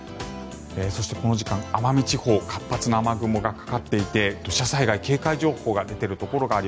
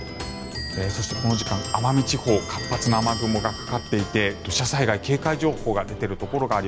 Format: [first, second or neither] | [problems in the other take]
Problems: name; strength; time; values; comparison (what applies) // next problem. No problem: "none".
first | background sound (Clock); 10 dB below the speech